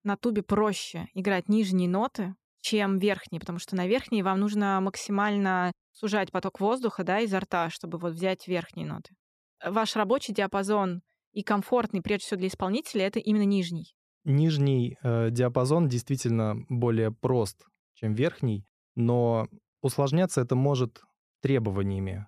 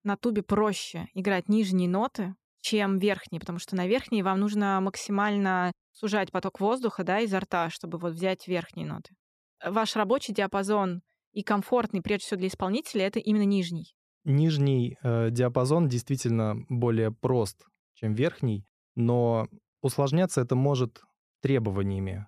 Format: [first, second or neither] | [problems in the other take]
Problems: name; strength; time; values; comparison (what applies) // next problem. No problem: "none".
neither | none